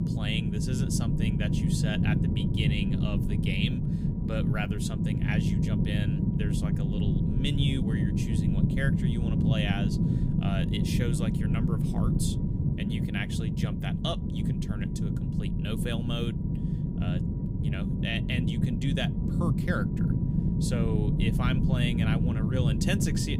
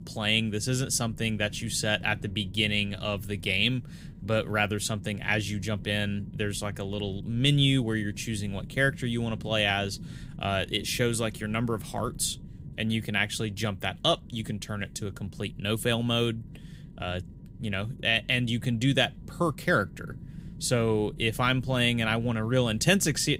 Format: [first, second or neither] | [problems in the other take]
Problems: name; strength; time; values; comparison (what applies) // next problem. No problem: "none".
second | low rumble; loud; throughout; 1 dB below the speech; faint in the second